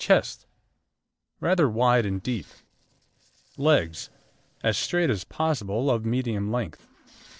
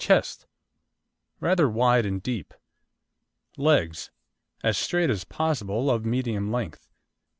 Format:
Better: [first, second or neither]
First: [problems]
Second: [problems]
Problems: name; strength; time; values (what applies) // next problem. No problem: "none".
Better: second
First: noise reduction (neural separator model SepFormer DNS4)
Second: none